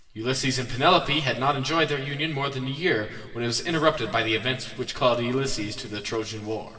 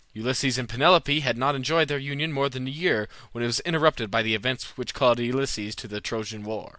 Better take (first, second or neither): second